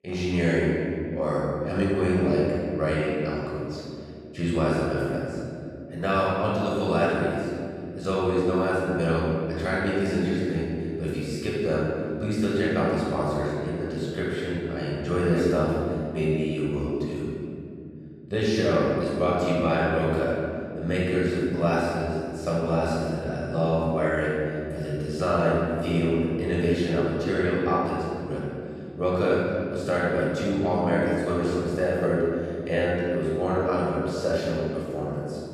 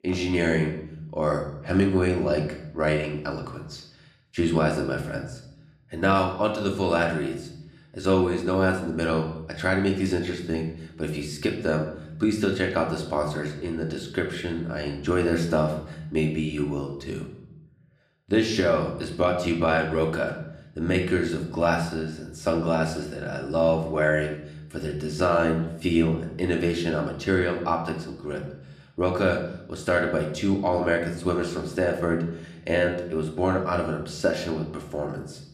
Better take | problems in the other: second | room echo; strong; dies away in 2.7 s; slight in the second // off-mic speech; far; somewhat distant in the second

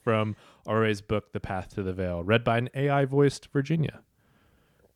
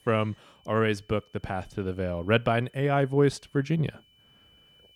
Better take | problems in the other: first | high-pitched whine; faint; throughout; 3 kHz, 35 dB below the speech

